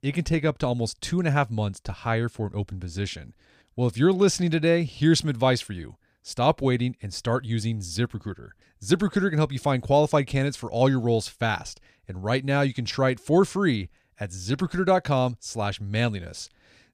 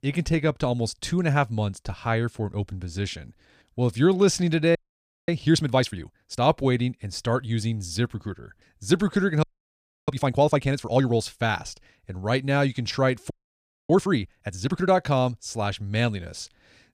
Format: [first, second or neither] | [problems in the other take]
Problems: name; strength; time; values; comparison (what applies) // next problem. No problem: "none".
first | audio freezing; at 5 s for 0.5 s, at 9.5 s for 0.5 s and at 13 s for 0.5 s